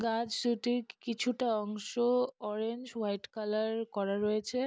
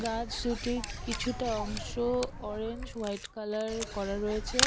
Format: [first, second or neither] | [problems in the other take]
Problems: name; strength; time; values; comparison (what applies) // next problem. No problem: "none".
first | background sound (Bird + Camera); 1 dB below the speech